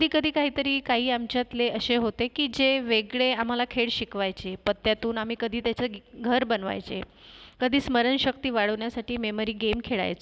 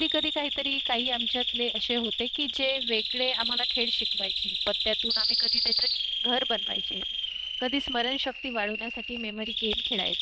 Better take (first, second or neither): first